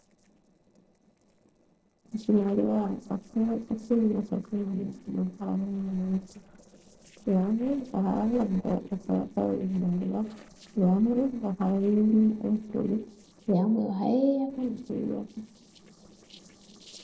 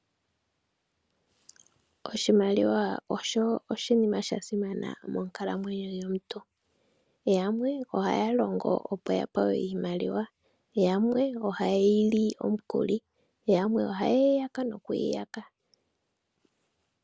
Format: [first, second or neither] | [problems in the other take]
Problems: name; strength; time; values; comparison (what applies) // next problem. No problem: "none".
second | noise reduction (neural separator model SepFormer DNS4)